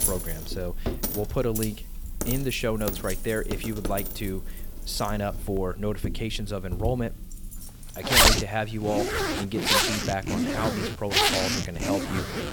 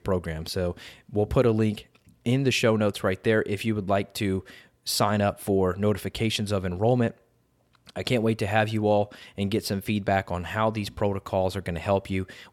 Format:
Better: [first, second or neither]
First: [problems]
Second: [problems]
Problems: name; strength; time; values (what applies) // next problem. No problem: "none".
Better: second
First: household noises; very loud; throughout; 5 dB above the speech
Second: none